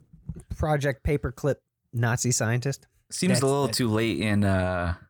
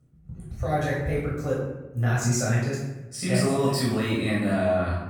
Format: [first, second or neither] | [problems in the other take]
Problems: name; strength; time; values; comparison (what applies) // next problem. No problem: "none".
first | off-mic speech; far // room echo; noticeable; dies away in 0.8 s